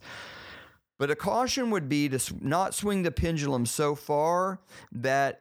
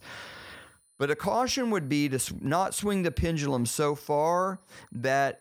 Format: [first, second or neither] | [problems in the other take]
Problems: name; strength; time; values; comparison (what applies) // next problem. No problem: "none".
first | high-pitched whine; faint; throughout; 9.5 kHz, 35 dB below the speech